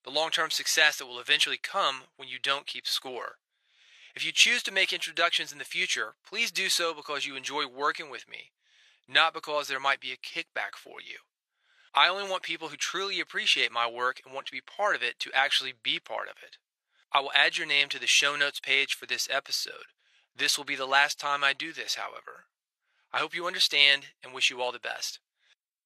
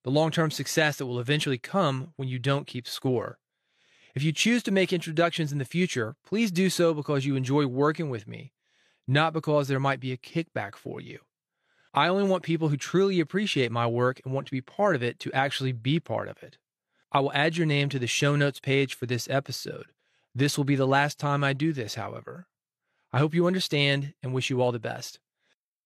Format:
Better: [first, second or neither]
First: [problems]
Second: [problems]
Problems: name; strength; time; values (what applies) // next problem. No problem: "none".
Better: second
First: thin; very; fading below 900 Hz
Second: none